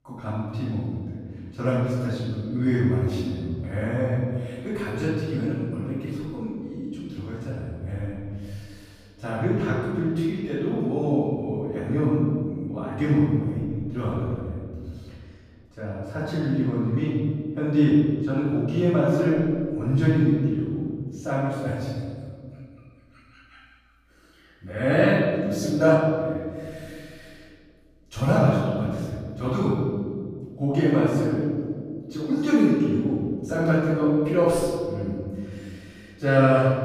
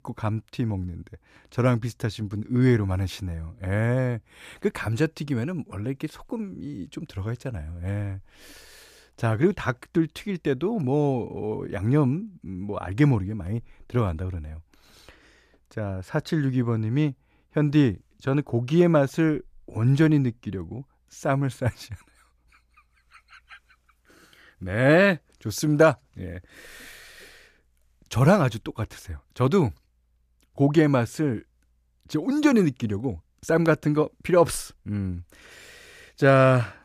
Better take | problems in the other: second | room echo; strong; dies away in 2 s // off-mic speech; far

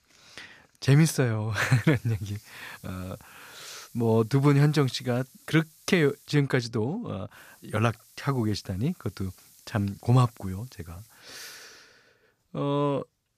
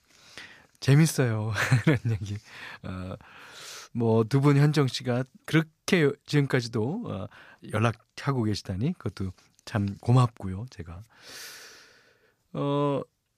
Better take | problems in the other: second | hiss; faint; from 1.5 to 6.5 s and from 7.5 to 11 s; 25 dB below the speech

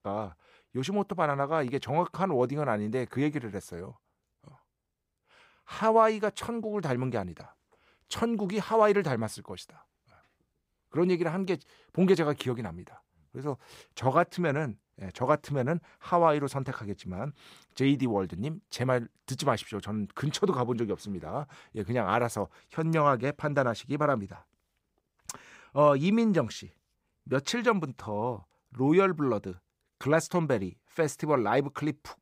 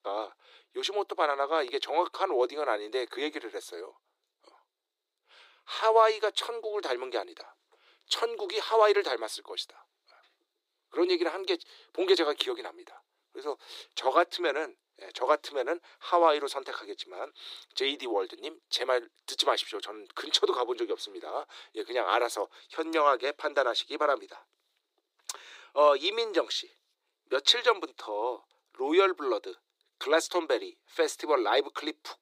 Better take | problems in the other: first | thin; very; fading below 350 Hz

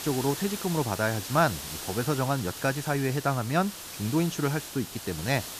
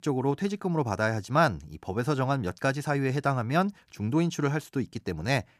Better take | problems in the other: second | hiss; loud; throughout; 8 dB below the speech

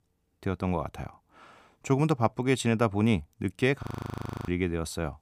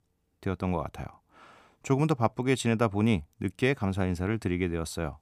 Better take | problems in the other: second | audio freezing; at 4 s for 0.5 s

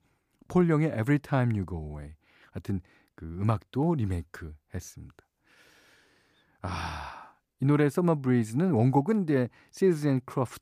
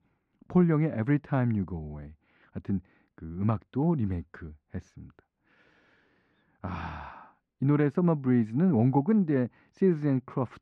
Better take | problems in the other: first | muffled; slightly; fading above 2.5 kHz

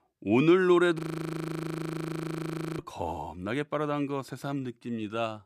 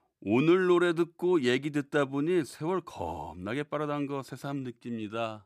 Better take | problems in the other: second | audio freezing; at 1 s for 2 s

